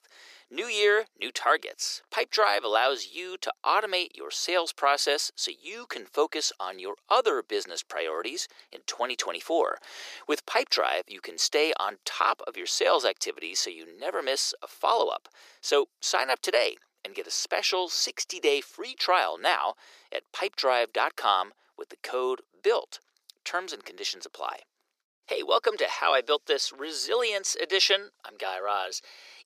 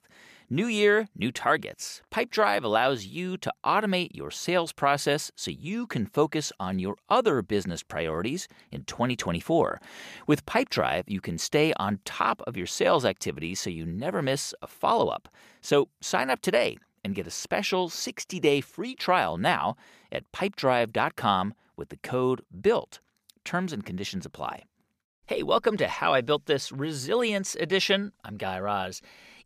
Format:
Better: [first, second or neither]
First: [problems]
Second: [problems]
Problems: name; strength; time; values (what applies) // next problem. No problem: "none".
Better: second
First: thin; very; fading below 350 Hz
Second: none